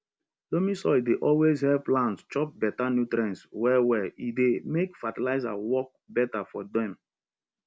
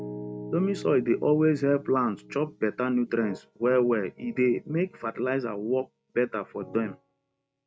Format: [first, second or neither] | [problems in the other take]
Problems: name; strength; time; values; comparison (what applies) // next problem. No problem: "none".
first | noise reduction (neural mask model RNNoise)